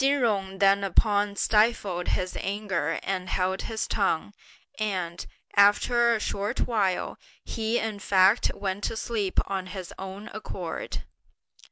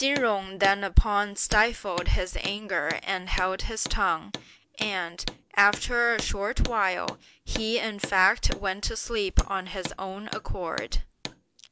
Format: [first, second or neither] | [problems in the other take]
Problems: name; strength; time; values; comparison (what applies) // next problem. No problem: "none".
first | background sound (Hammer); 14 dB below the speech